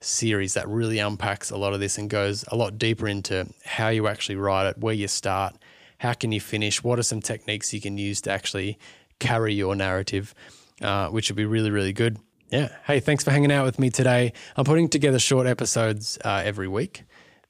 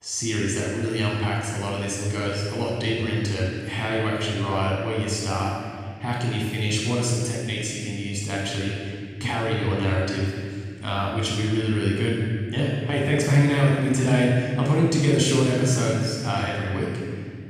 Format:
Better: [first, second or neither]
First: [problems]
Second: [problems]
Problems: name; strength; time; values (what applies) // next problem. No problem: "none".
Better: first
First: none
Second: off-mic speech; far // room echo; strong; dies away in 2.4 s